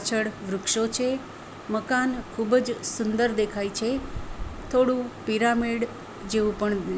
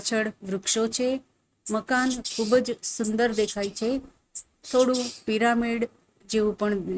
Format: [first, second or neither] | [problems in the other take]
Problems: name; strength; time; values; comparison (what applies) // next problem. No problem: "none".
first | noise reduction (neural mask model RNNoise)